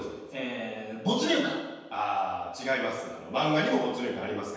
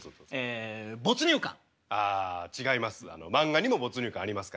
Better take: second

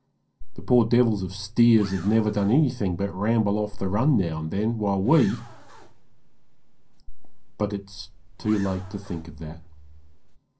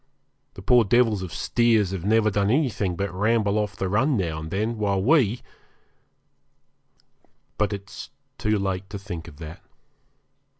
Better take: second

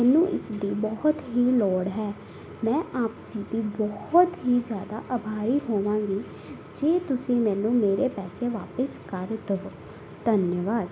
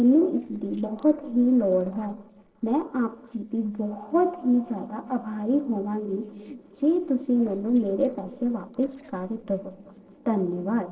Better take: first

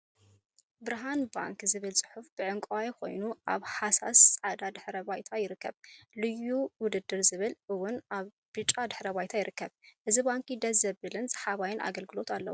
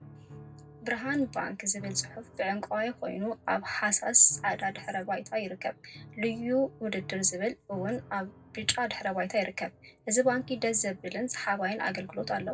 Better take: first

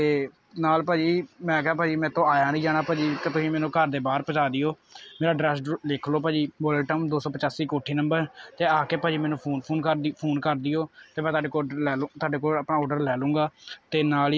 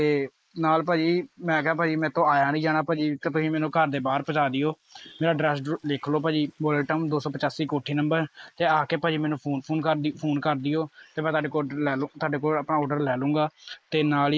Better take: first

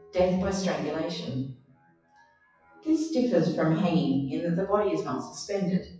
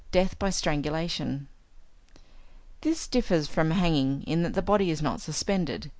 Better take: second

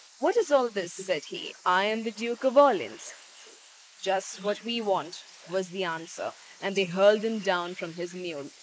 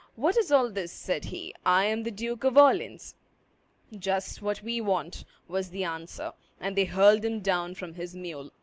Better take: second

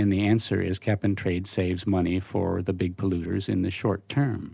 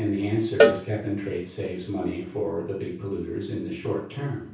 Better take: first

